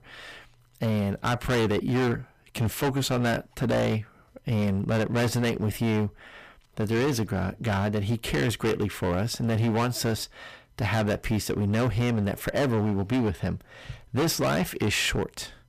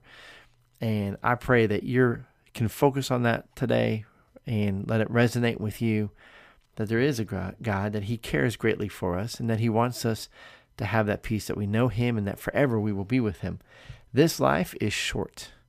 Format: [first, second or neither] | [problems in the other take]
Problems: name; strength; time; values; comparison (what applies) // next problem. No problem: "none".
second | distortion; heavy; 17% of the sound clipped